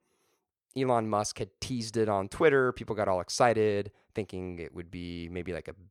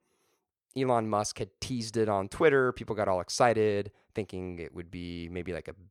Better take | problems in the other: neither | none

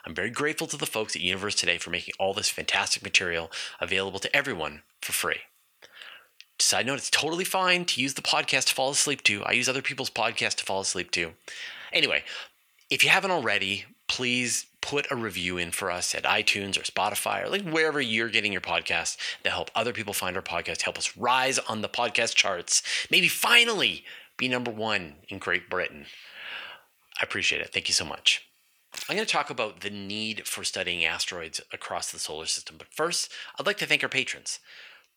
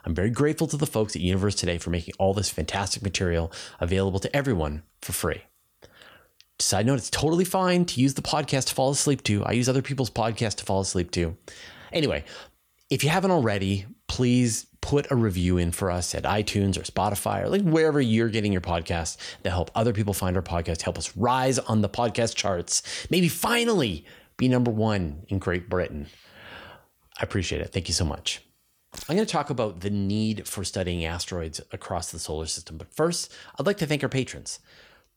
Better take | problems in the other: second | thin; somewhat; fading below 800 Hz

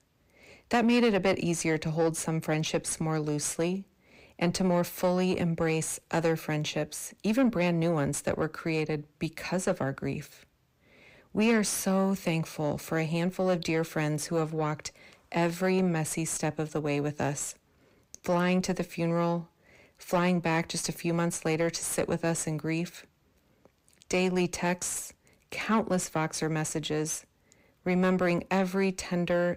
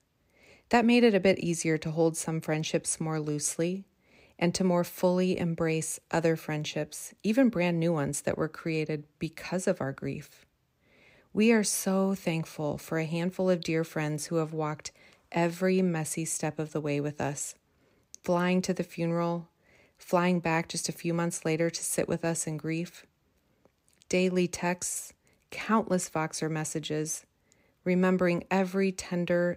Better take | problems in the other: second | distortion; slight; 10 dB below the speech

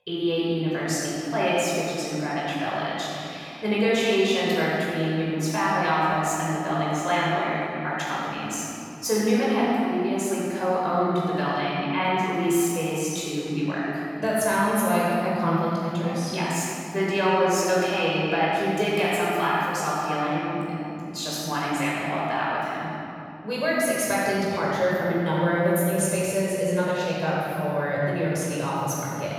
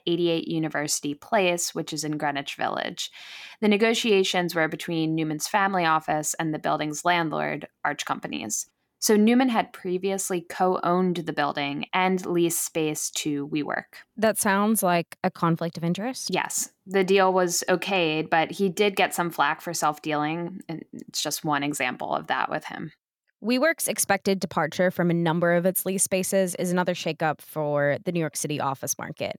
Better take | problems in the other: second | off-mic speech; far // room echo; strong; dies away in 2.8 s

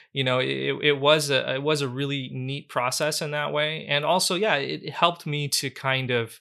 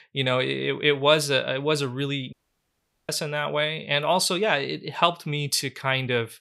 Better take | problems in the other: first | audio cutting out; at 2.5 s for 1 s

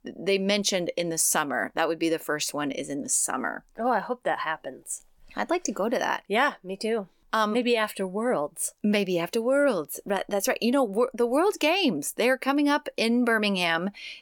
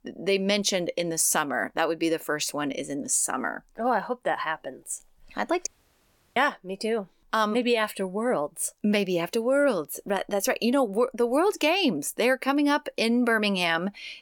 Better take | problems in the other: first | audio cutting out; at 5.5 s for 0.5 s

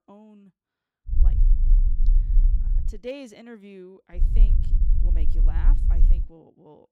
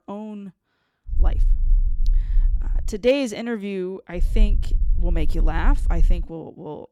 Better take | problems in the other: second | low rumble; loud; from 1 to 3 s and from 4 to 6 s; 5 dB below the speech; faint in the second

